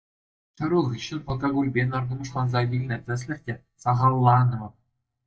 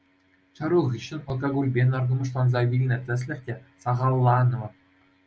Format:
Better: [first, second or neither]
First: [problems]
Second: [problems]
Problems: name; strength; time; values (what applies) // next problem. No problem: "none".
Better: second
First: noise reduction (neural mask model DeepFilterNet 3)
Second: none